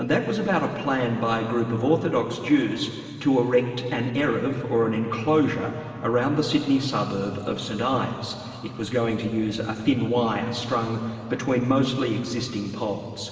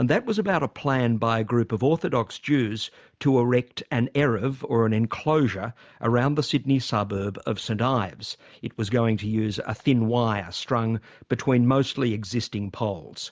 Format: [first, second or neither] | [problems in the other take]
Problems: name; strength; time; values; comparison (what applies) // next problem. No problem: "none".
second | room echo; dies away in 2.7 s